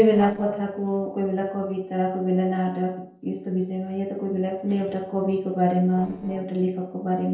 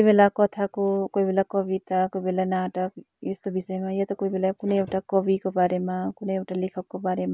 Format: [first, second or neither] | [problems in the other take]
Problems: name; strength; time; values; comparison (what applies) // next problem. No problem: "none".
second | noise reduction (neural separator model SepFormer DNS4)